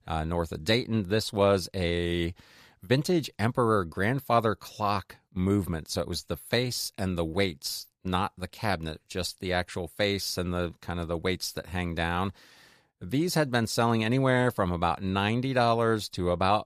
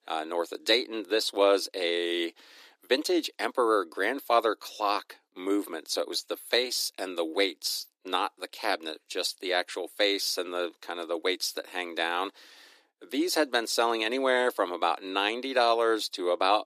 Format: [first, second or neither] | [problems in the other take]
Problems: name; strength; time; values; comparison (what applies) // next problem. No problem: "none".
first | thin; somewhat; fading below 300 Hz